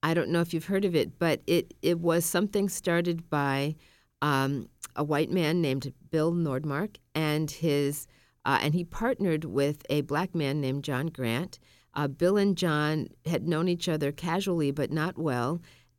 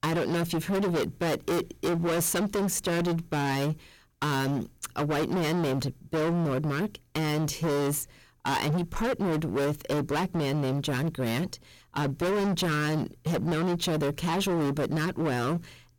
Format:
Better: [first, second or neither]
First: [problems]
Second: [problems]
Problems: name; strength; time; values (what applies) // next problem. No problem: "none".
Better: first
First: none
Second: distortion; heavy; 31% of the sound clipped